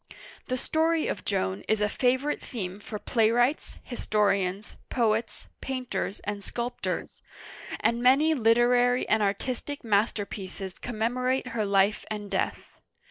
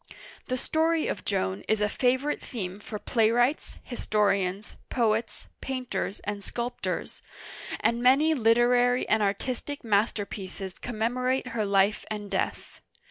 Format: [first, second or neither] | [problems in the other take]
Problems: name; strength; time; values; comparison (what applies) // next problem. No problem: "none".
second | noise reduction (neural mask model Resemble Enhance denoiser)